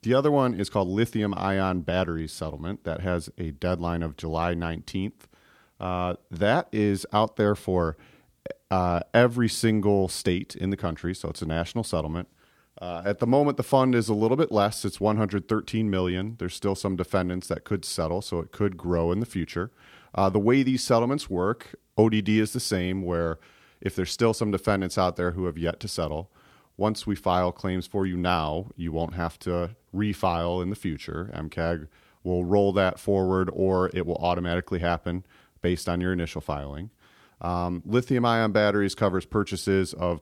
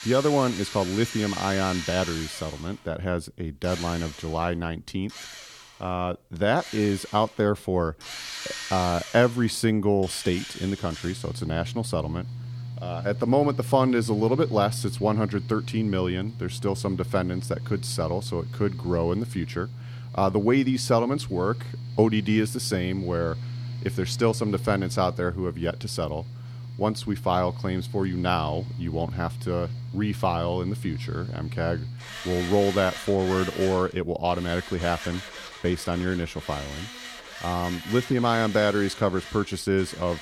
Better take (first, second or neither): first